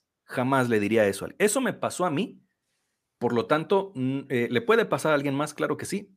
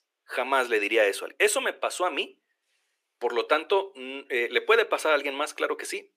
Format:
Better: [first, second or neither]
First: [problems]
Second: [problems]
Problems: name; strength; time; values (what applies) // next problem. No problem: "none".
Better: first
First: none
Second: thin; very; fading below 350 Hz